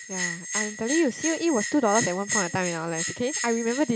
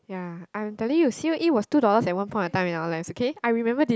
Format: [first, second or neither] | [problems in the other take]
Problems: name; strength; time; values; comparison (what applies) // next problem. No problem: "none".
second | background sound (Bell); 5 dB below the speech